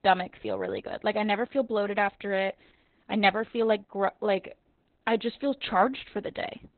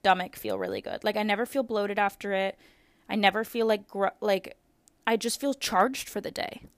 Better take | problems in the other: second | garbled, watery; badly; nothing above 4 kHz

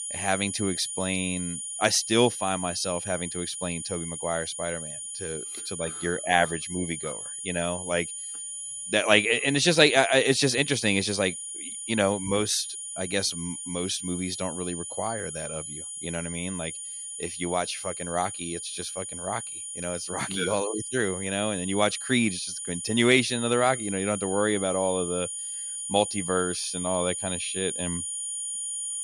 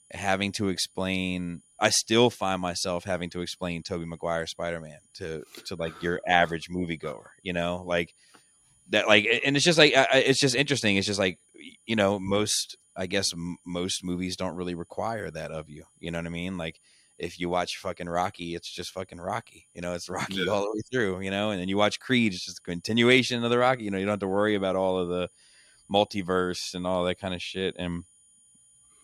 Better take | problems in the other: second | high-pitched whine; loud; throughout; 9.5 kHz, 6 dB below the speech; faint in the second

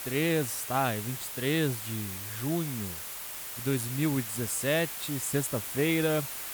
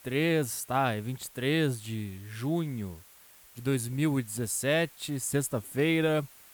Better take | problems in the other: second | hiss; loud; throughout; 5 dB below the speech; faint in the second

